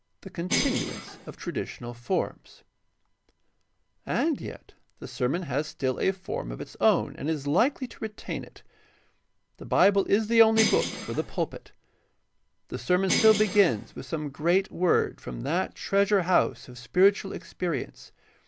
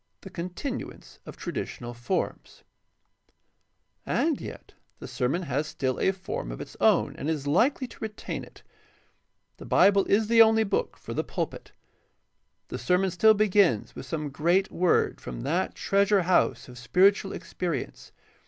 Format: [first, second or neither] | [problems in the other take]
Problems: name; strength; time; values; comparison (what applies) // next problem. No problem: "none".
second | background sound (Bell); 4 dB below the speech